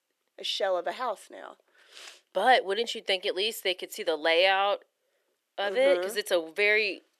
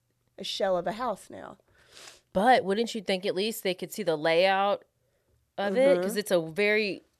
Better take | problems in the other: second | thin; somewhat; fading below 300 Hz

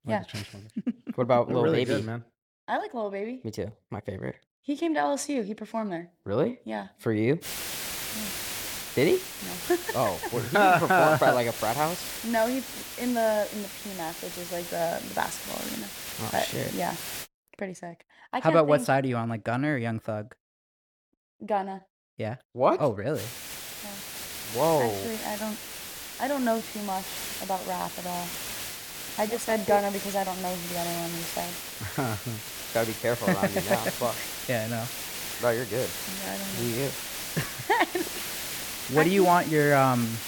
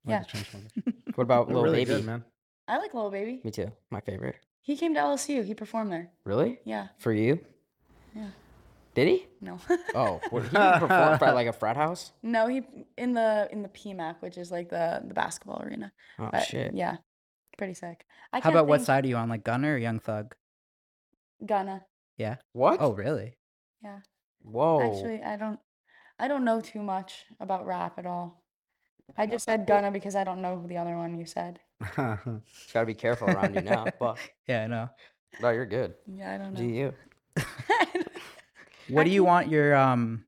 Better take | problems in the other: second | hiss; loud; from 7.5 to 17 s and from 23 s on; 7 dB below the speech

